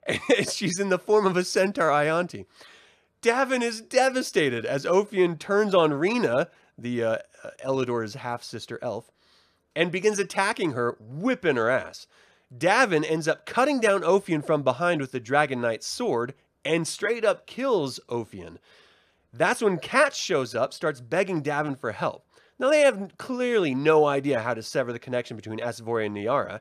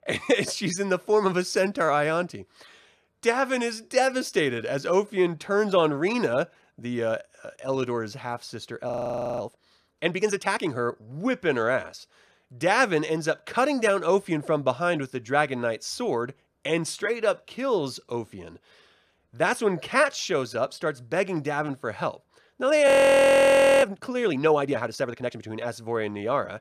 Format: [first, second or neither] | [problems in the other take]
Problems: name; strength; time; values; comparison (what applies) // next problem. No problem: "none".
first | audio freezing; at 9 s for 0.5 s and at 23 s for 1 s